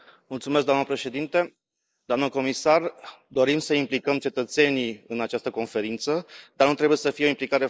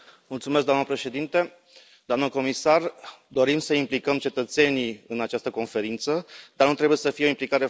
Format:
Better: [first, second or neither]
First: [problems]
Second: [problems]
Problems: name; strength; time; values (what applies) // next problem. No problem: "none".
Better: second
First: noise reduction (neural mask model Resemble Enhance denoiser)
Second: none